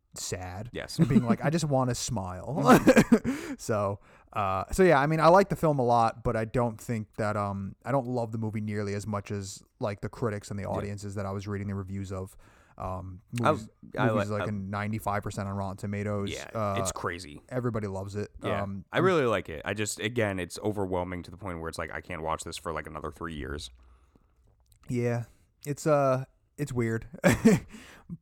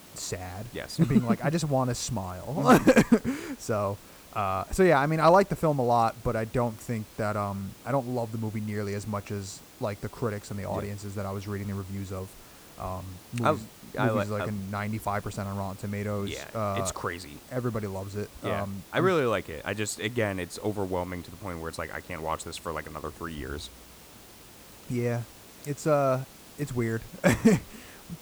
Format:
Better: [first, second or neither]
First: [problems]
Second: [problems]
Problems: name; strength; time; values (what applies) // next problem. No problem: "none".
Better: first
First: none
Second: hiss; faint; throughout; 20 dB below the speech